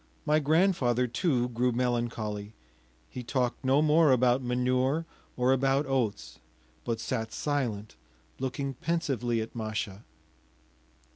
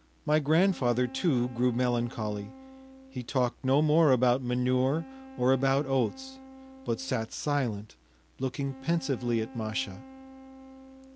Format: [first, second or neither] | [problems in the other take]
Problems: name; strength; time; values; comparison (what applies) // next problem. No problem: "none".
first | background sound (Wind instrument, woodwind instrument); 19 dB below the speech